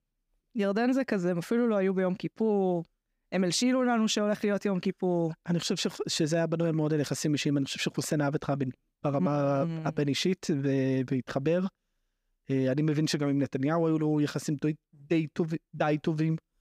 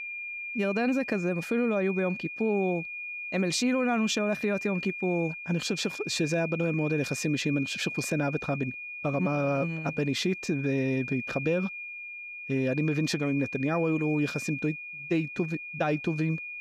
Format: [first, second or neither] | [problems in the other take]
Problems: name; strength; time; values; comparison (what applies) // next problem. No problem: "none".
first | high-pitched whine; loud; throughout; 2.5 kHz, 7 dB below the speech